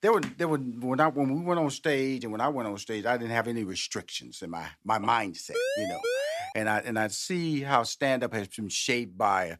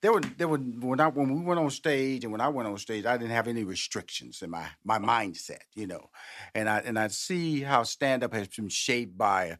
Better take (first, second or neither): second